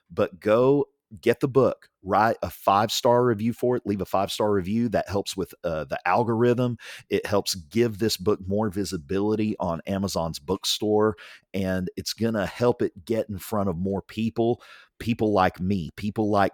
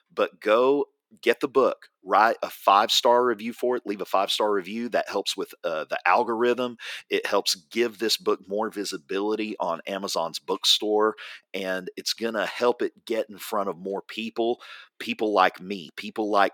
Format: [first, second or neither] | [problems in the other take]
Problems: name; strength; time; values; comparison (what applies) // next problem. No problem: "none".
first | thin; somewhat; fading below 300 Hz